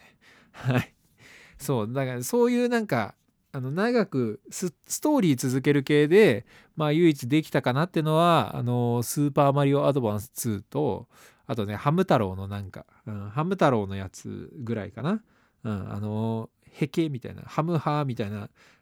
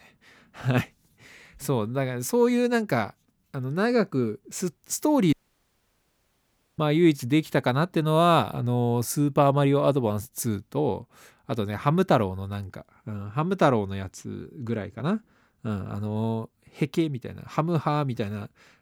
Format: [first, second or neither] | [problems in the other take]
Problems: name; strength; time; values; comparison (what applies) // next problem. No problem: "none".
first | audio cutting out; at 5.5 s for 1.5 s